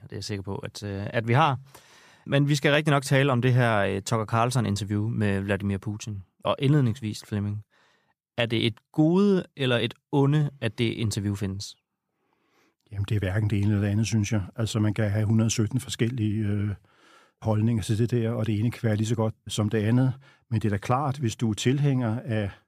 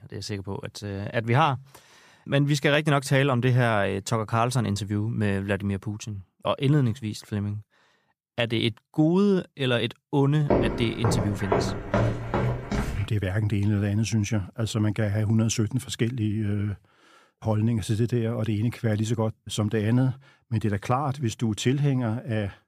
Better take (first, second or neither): first